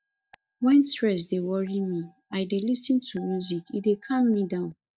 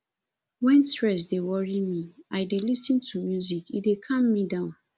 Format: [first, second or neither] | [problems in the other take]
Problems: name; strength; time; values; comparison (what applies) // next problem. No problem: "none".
second | noise reduction (neural mask model DeepFilterNet 3)